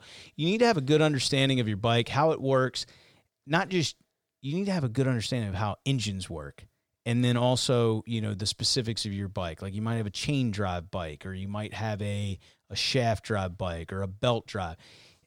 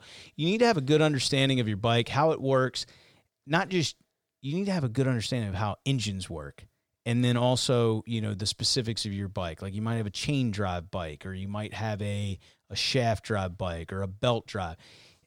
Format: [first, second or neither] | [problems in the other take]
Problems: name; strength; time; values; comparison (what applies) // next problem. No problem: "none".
neither | none